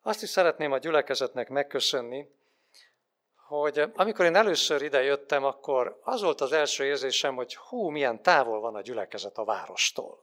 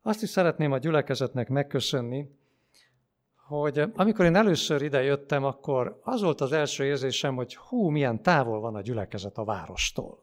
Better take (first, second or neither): second